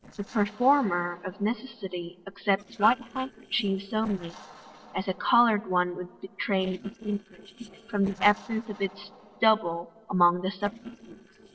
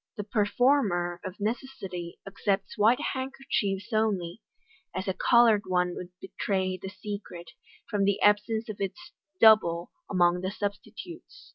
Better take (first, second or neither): second